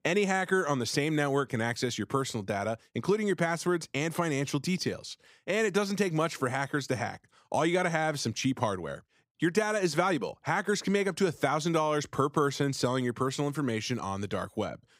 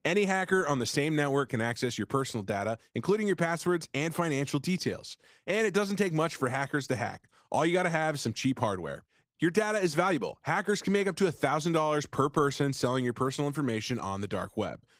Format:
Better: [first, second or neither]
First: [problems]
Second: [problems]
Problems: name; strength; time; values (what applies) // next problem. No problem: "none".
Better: first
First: none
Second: garbled, watery; slightly; nothing above 15.5 kHz